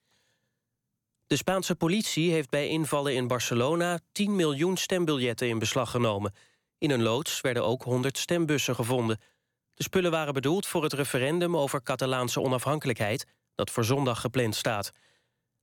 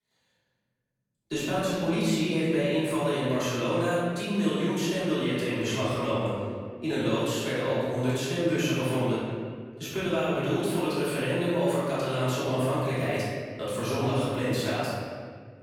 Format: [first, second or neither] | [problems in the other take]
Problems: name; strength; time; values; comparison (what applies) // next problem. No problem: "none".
first | off-mic speech; far // room echo; strong; dies away in 1.7 s